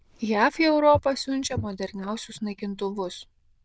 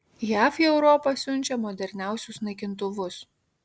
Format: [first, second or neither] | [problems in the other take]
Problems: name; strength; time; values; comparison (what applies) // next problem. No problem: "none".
second | noise reduction (neural diffusion model UNIVERSE++)